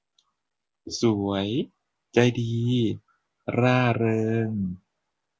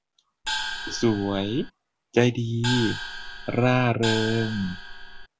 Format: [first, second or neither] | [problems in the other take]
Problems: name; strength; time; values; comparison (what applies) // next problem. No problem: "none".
first | background sound (Gong); 7 dB below the speech